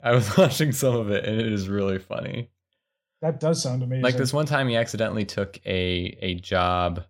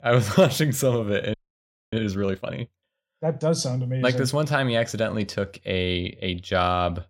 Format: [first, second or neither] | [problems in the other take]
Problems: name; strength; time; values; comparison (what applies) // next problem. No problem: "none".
first | audio freezing; at 1.5 s for 0.5 s